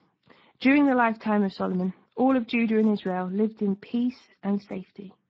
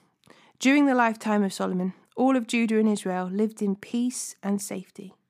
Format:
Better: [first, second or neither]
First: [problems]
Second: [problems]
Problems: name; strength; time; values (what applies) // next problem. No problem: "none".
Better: second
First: garbled, watery; badly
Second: none